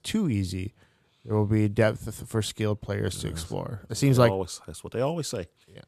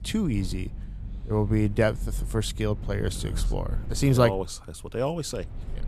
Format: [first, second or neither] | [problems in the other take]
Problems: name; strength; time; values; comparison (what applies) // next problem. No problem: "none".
first | low rumble; faint; throughout; 20 dB below the speech